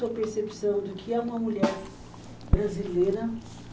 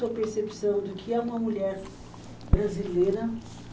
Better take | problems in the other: second | background sound (Snare drum); 8 dB below the speech

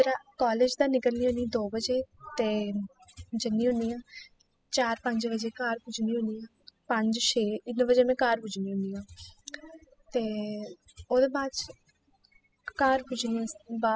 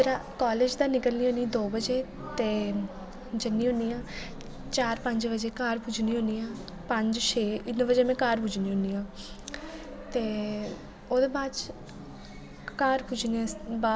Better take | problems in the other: second | noise reduction (classical method spectral subtraction)

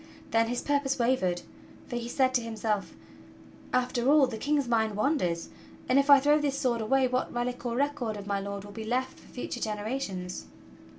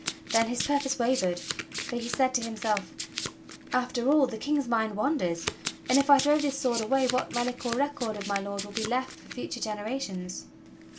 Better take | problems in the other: first | background sound (Domestic sounds, home sounds); 10 dB below the speech

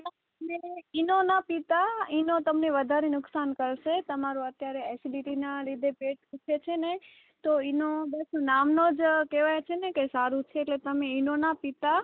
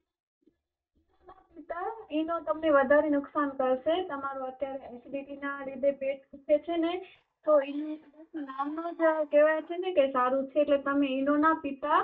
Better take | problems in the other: first | noise reduction (neural mask model DeepFilterNet 3)

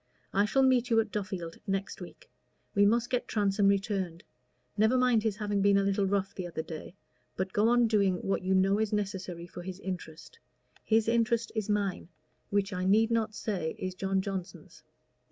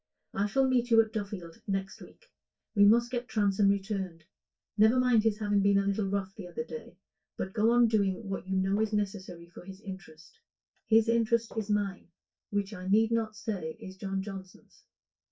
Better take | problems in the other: first | noise reduction (neural mask model DeepFilterNet 3)

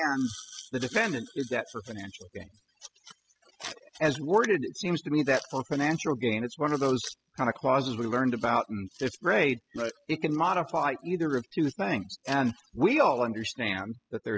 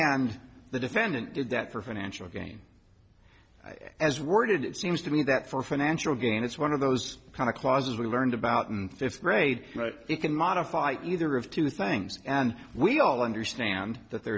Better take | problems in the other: second | noise reduction (classical method spectral subtraction)

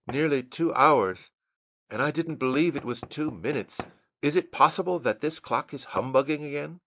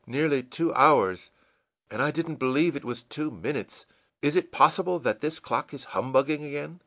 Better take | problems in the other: second | noise reduction (neural mask model Resemble Enhance denoiser)

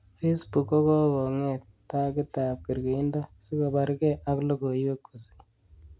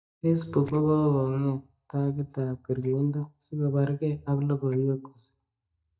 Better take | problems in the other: first | noise reduction (neural mask model DeepFilterNet 3)

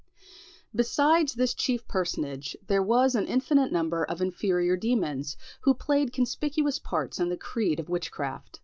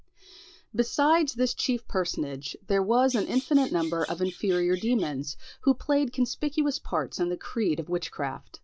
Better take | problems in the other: first | background sound (Bird vocalization, bird call, bird song); 19 dB below the speech

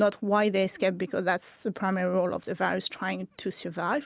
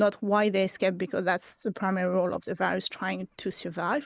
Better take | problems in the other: first | noise reduction (neural mask model Resemble Enhance denoiser)

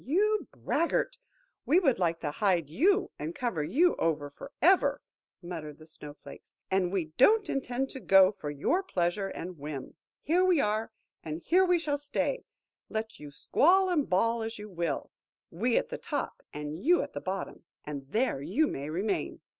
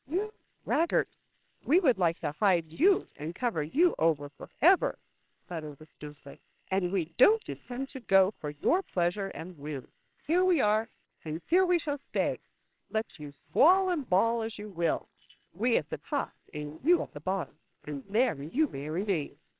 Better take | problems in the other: first | noise reduction (neural separator model SepFormer WHAMR!)

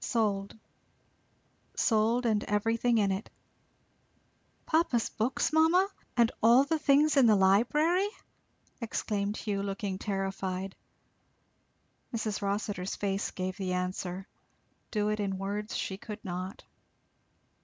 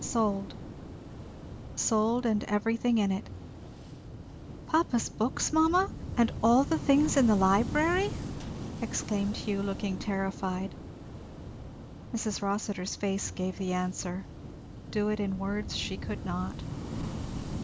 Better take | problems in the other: first | background sound (Waves, surf / Wind); 9 dB below the speech

